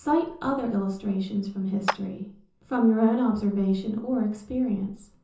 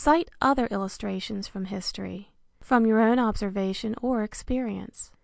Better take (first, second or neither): second